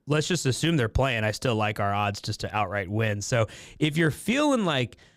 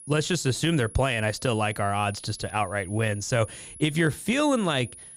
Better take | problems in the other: first | high-pitched whine; noticeable; throughout; 10.5 kHz, 15 dB below the speech

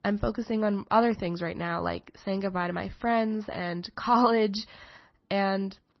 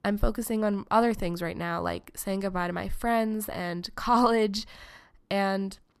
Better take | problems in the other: second | garbled, watery; slightly; nothing above 5.5 kHz

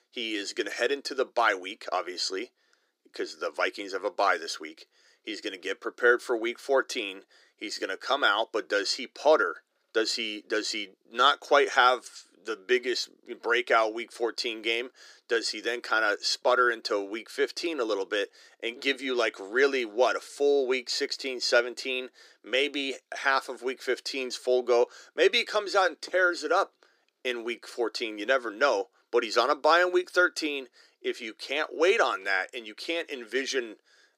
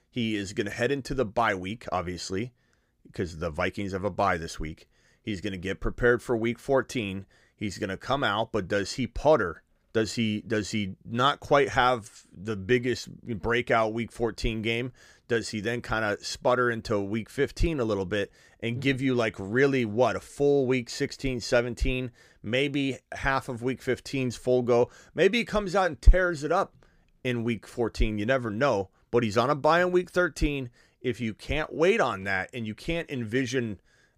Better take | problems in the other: second | thin; somewhat; fading below 300 Hz

